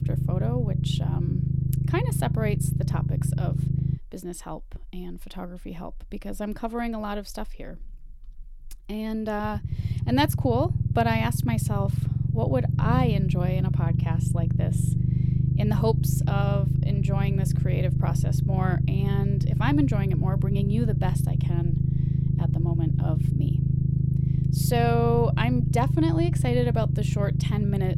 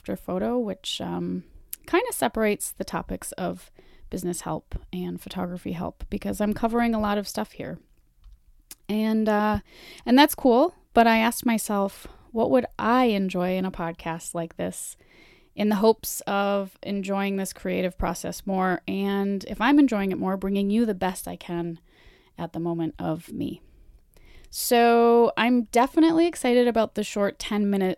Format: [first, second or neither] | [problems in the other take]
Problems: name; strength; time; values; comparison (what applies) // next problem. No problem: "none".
second | low rumble; loud; throughout; 5 dB below the speech